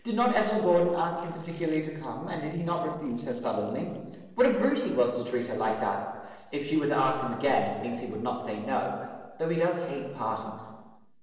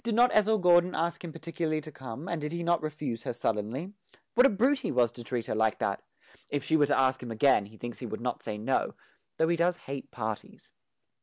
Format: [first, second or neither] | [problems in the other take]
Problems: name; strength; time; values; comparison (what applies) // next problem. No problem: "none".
second | noise reduction (neural separator model SepFormer DNS4)